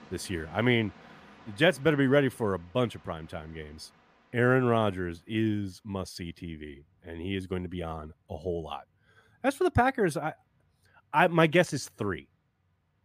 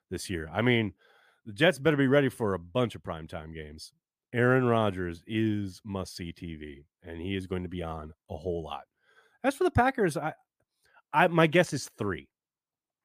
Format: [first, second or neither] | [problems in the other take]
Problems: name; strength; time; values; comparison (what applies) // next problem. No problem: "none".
second | train or aircraft noise; faint; throughout; 30 dB below the speech